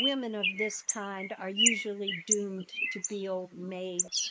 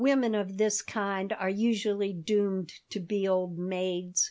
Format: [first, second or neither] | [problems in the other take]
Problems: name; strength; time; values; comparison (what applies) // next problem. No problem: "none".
second | noise reduction (neural mask model Resemble Enhance denoiser)